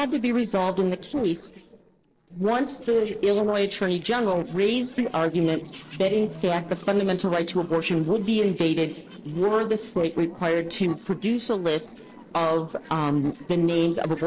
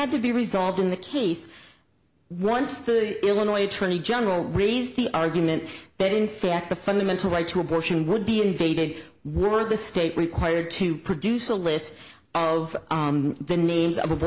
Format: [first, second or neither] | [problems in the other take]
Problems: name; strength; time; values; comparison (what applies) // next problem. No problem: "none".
second | noise reduction (neural separator model SepFormer DNS4)